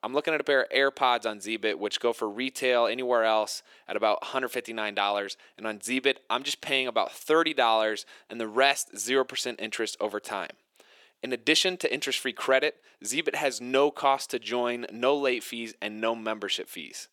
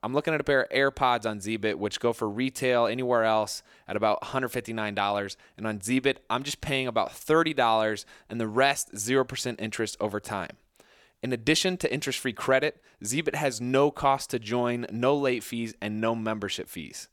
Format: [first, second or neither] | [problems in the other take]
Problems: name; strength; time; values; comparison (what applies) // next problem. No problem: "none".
second | thin; very slightly; fading below 350 Hz